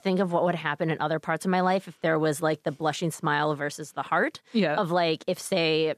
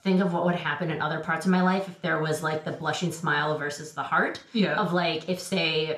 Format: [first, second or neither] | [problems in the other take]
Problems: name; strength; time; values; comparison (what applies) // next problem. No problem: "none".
first | room echo; very slight; dies away in 0.3 s // off-mic speech; somewhat distant